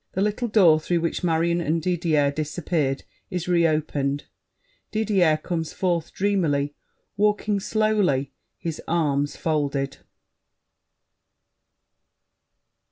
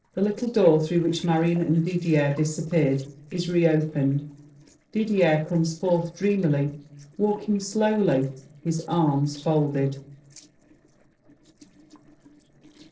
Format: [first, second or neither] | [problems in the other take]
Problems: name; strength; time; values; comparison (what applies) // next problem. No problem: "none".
first | noise reduction (neural separator model SepFormer DNS4)